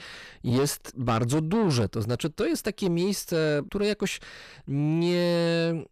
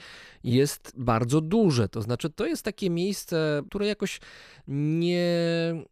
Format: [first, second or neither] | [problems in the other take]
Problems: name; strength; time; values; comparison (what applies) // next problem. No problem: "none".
second | distortion; slight; 10 dB below the speech